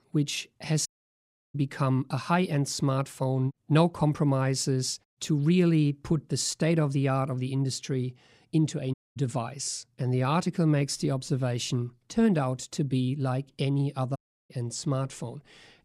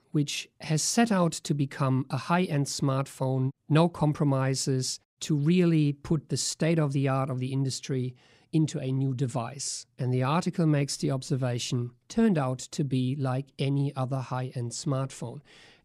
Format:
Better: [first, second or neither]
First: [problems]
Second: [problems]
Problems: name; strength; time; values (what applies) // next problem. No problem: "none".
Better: second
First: audio cutting out; at 1 s for 0.5 s, at 9 s and at 14 s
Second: none